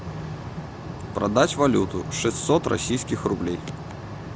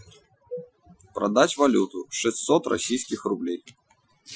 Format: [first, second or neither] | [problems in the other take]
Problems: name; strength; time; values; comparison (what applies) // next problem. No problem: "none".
first | noise reduction (classical method Wiener filter)